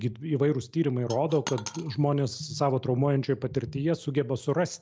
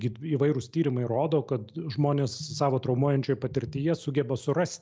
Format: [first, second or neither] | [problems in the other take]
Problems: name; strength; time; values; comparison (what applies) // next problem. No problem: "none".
second | background sound (Coin (dropping)); 14 dB below the speech